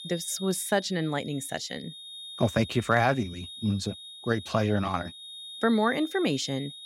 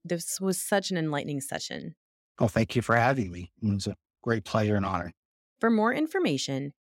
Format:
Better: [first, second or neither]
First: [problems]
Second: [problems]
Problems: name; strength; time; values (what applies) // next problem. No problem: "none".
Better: second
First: high-pitched whine; noticeable; throughout; 3.5 kHz, 15 dB below the speech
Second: none